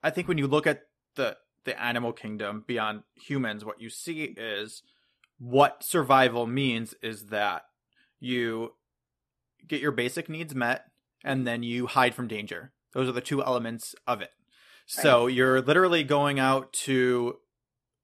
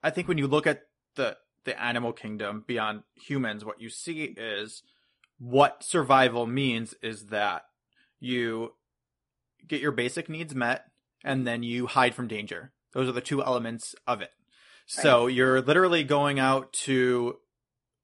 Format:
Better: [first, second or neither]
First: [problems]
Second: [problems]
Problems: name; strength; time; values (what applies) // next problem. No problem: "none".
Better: first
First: none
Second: garbled, watery; slightly; nothing above 10.5 kHz